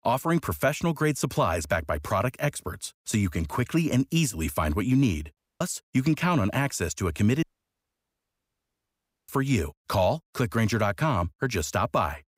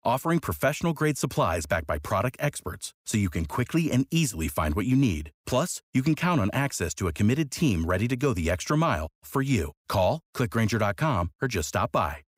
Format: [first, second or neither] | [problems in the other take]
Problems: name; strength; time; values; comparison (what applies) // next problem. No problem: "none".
second | audio cutting out; at 5.5 s and at 7.5 s for 2 s